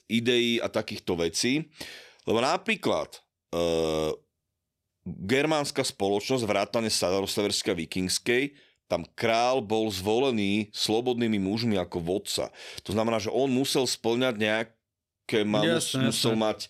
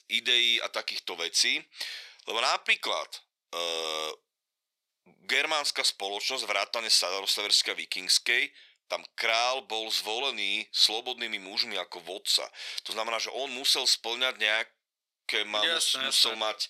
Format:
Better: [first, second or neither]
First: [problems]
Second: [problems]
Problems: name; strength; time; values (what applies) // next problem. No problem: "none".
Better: first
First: none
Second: thin; very; fading below 850 Hz